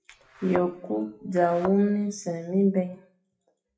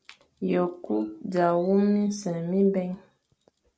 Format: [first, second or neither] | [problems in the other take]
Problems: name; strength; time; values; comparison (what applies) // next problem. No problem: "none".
second | noise reduction (classical method WPE with log-MMSE)